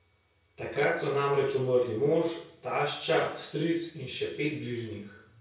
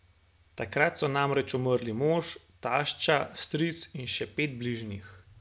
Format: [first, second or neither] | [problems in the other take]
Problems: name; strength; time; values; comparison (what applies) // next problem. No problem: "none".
second | background sound (Burping, eructation); 16 dB below the speech // room echo; dies away in 0.6 s